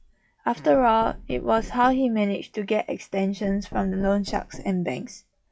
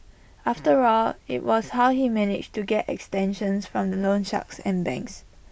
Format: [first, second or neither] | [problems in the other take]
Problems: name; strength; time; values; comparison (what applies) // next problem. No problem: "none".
second | noise reduction (classical method log-MMSE)